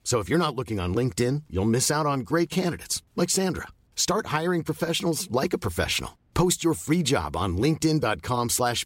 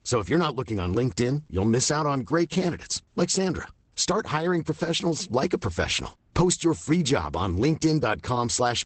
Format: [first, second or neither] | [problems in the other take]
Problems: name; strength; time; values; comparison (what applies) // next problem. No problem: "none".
first | garbled, watery; badly; nothing above 8 kHz